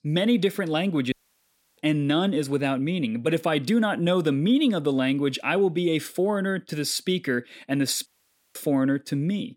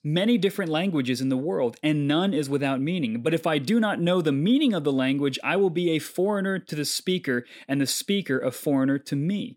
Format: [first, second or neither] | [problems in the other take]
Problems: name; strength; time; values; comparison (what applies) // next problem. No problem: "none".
second | audio cutting out; at 1 s for 0.5 s and at 8 s